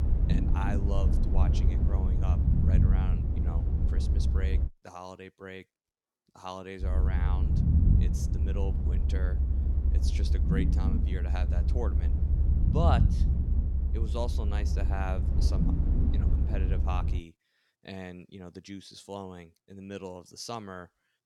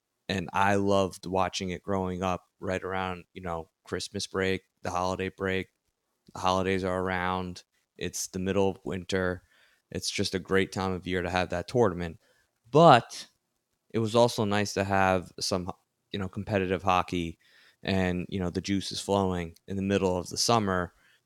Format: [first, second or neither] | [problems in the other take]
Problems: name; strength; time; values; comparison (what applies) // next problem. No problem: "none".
second | low rumble; loud; until 4.5 s and from 7 to 17 s; 2 dB below the speech